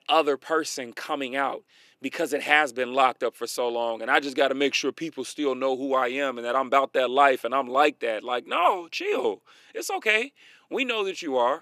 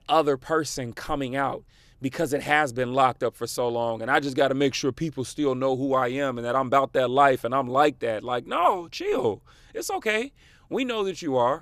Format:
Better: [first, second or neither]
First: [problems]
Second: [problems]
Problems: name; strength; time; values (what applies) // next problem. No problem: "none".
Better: second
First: thin; very slightly; fading below 250 Hz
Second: none